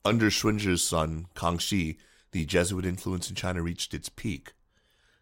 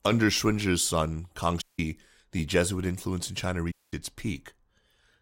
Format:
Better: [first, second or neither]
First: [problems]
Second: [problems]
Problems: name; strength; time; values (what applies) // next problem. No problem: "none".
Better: first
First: none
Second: audio cutting out; at 1.5 s and at 3.5 s